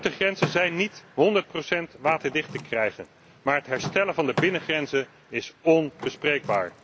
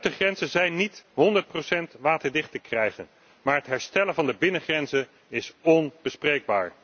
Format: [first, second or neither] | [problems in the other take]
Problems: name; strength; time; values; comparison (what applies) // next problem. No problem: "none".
second | background sound (Door / Car); 12 dB below the speech